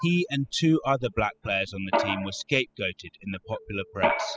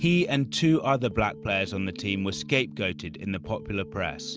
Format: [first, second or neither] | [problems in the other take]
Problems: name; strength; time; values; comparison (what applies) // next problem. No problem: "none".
second | noise reduction (classical method spectral subtraction)